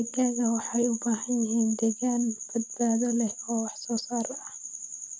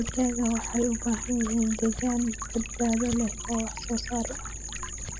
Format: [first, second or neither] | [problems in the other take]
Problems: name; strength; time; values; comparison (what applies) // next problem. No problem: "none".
first | background sound (Scissors + Stream); 10 dB below the speech